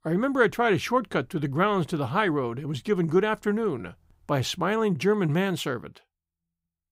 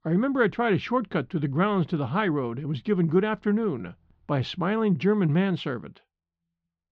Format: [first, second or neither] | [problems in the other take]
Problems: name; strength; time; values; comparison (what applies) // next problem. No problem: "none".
first | muffled; very slightly; fading above 4 kHz